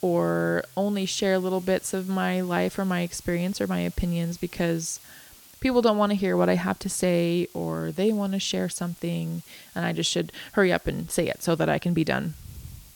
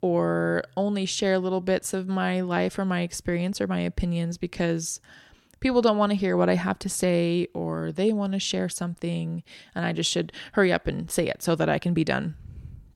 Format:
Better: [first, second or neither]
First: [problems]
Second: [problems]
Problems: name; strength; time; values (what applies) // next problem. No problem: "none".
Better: second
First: hiss; faint; throughout; 20 dB below the speech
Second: none